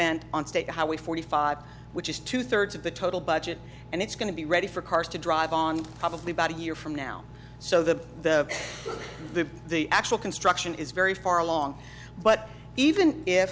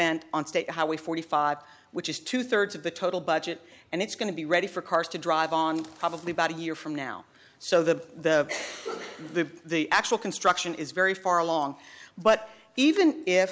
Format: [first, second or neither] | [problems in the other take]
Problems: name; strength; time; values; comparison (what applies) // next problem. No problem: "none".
second | background sound (Engine); 17 dB below the speech